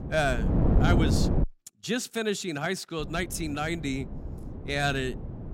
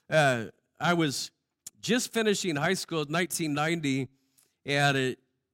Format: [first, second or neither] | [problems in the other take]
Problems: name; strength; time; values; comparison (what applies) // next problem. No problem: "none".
second | wind noise on the microphone; heavy; until 1.5 s and from 3 s on; 4 dB below the speech